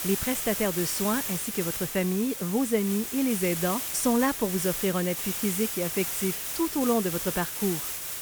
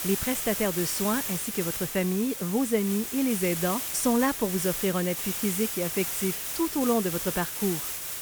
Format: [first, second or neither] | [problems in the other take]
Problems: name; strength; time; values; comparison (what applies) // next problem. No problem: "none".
neither | hiss; loud; throughout; 2 dB below the speech; the same in both